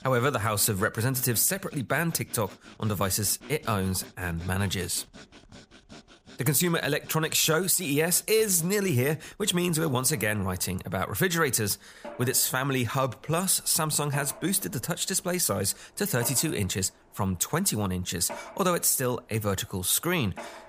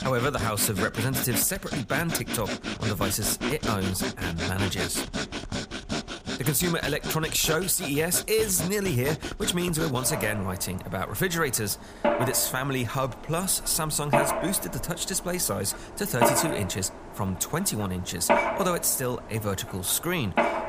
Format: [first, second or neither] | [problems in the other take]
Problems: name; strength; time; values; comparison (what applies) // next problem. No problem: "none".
first | machinery noise; loud; throughout; 4 dB below the speech; faint in the first